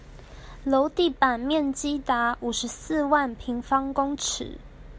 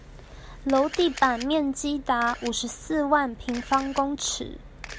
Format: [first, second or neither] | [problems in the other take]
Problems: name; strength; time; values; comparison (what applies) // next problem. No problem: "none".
first | background sound (Camera); 18 dB below the speech